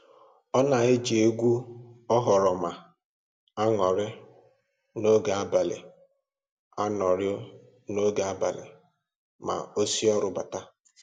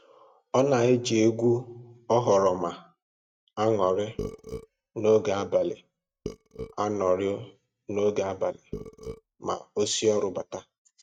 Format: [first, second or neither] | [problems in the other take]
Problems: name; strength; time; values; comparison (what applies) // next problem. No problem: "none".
first | noise reduction (neural mask model RNNoise)